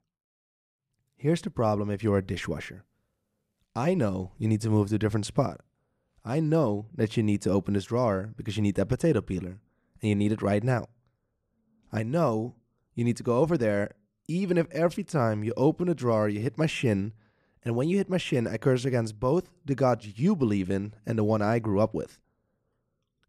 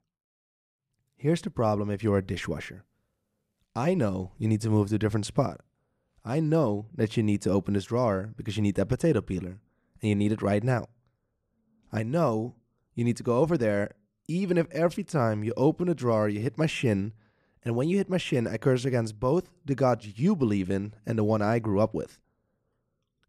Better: neither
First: none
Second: none

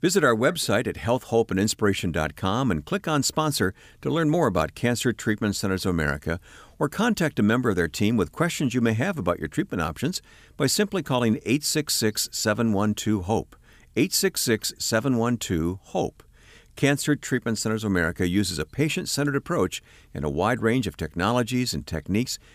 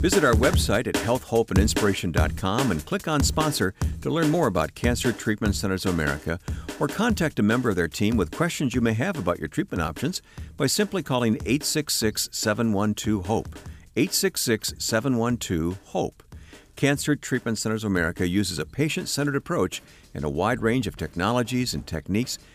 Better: first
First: none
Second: background music; loud; throughout; 7 dB below the speech

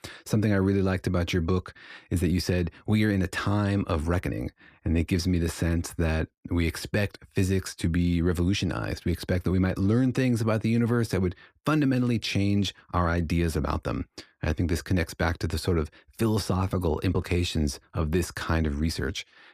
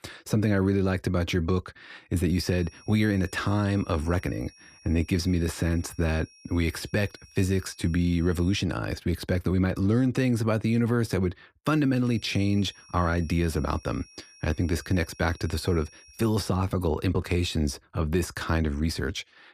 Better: first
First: none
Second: high-pitched whine; faint; from 2.5 to 8.5 s and from 12 to 16 s; 5.5 kHz, 25 dB below the speech

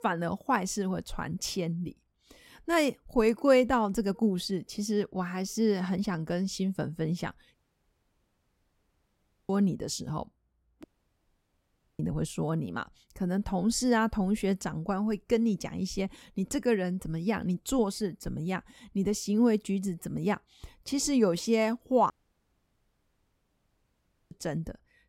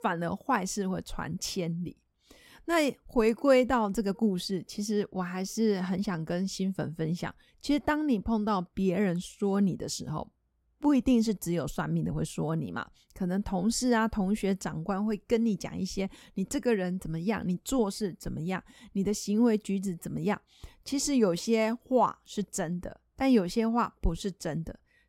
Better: second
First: audio cutting out; at 7.5 s for 2 s, at 11 s for 1 s and at 22 s for 2 s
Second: none

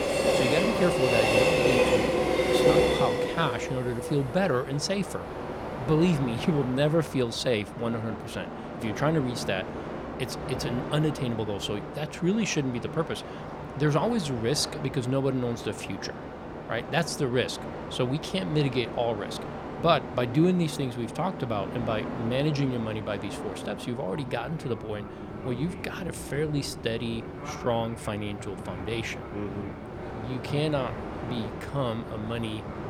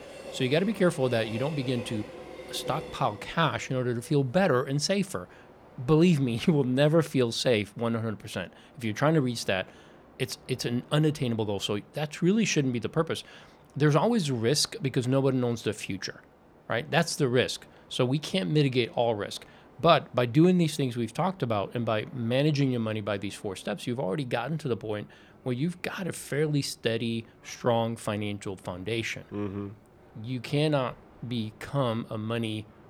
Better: second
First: train or aircraft noise; loud; throughout; 3 dB below the speech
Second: train or aircraft noise; faint; throughout; 20 dB below the speech

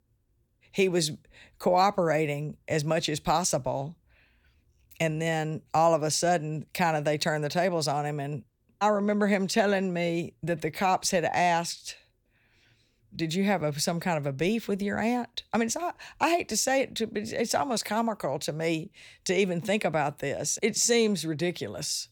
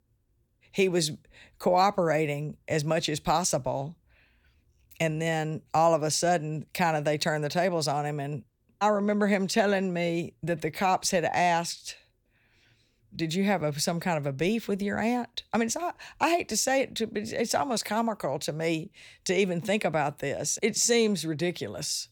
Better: neither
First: none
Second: none

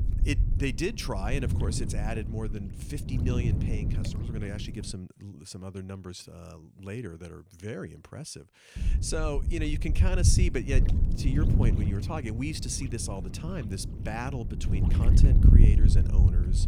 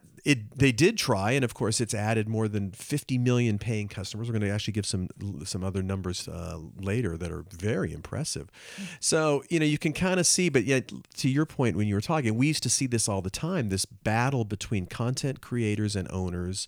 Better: second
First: wind noise on the microphone; heavy; until 5 s and from 9 s on; 4 dB below the speech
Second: none

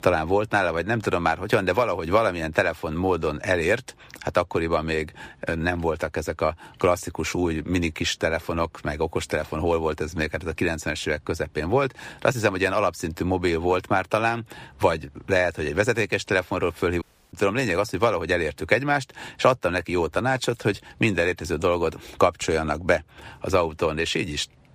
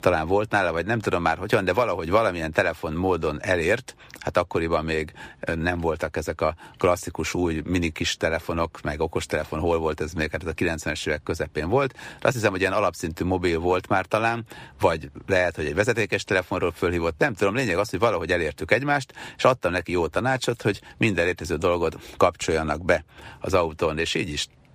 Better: second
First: audio cutting out; at 17 s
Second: none

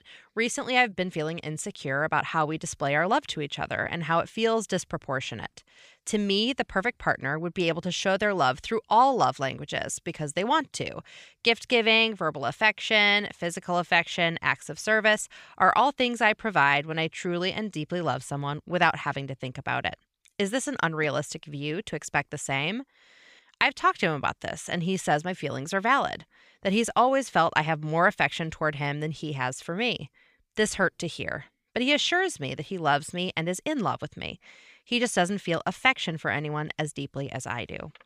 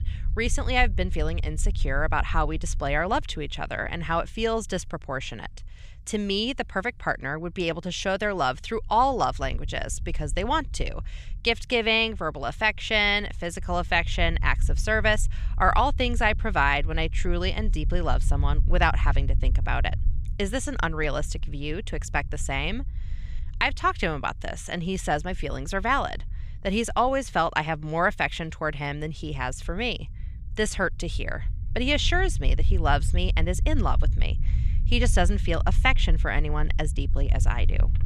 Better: first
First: none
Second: low rumble; faint; throughout; 25 dB below the speech

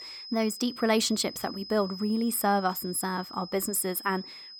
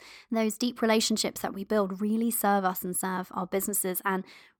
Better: second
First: high-pitched whine; noticeable; throughout; 5 kHz, 15 dB below the speech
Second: none

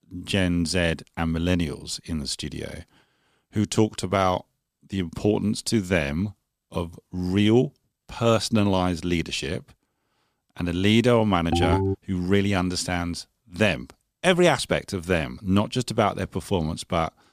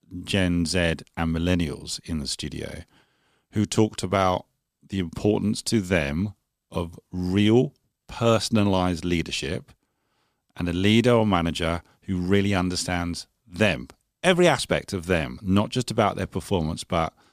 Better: second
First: phone ringing; loud; at 12 s; peak 1 dB above the speech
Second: none

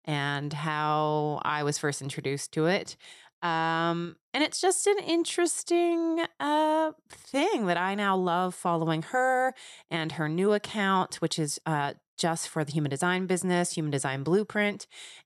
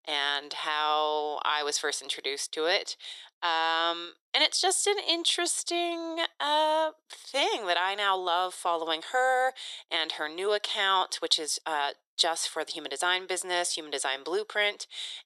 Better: first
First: none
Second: thin; very; fading below 450 Hz

